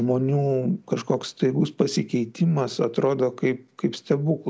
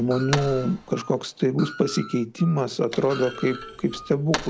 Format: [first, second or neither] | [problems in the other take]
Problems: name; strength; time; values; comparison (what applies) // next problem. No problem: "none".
first | background sound (Screech + Thump, thud); 12 dB below the speech